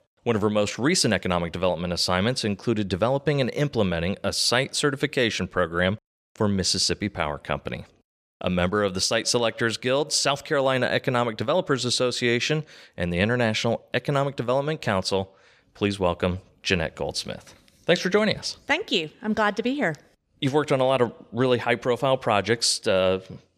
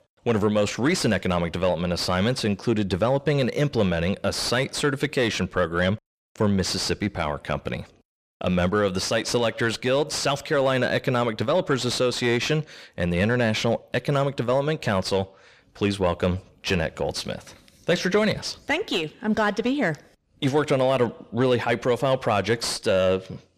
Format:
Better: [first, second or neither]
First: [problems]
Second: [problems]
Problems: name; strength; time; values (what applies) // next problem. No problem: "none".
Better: first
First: none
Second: distortion; slight; 10 dB below the speech